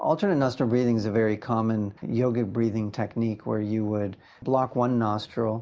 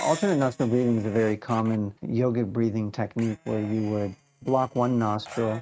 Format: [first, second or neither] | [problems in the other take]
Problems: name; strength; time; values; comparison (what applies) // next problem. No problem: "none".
first | noise reduction (neural mask model RNNoise)